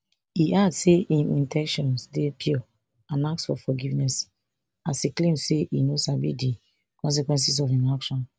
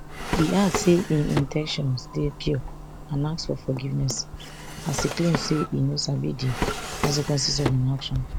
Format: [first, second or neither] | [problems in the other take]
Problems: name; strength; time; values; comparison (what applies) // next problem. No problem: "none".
first | background sound (Clock + Drawer open or close); 7 dB below the speech